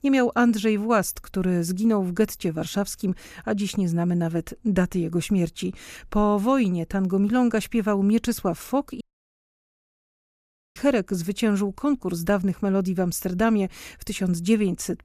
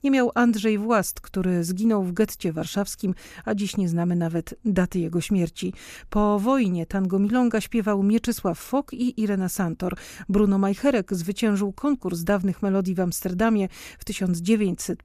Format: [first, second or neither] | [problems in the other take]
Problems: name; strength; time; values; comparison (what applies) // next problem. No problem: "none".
second | audio cutting out; at 9 s for 2 s